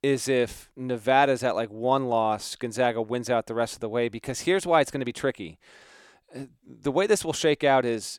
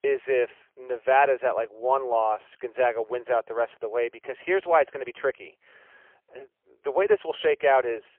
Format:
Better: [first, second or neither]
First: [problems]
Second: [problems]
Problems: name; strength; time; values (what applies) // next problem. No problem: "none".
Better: first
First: none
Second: phone-call audio; poor line; nothing above 3 kHz